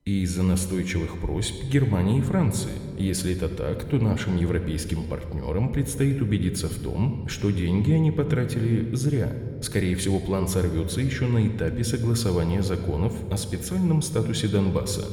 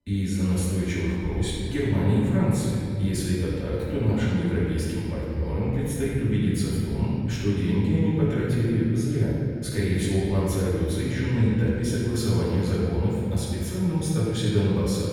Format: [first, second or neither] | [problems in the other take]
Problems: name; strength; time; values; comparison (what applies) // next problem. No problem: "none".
first | room echo; strong; dies away in 2.4 s; slight in the first // off-mic speech; far